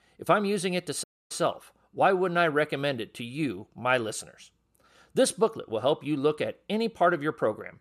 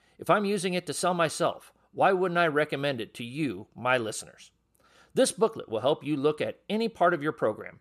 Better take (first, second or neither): second